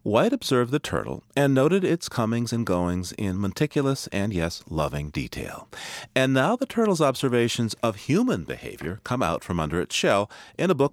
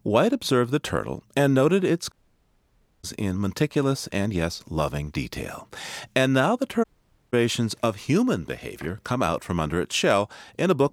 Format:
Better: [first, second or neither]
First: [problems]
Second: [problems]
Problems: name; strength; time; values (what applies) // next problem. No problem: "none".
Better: first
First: none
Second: audio cutting out; at 2 s for 1 s and at 7 s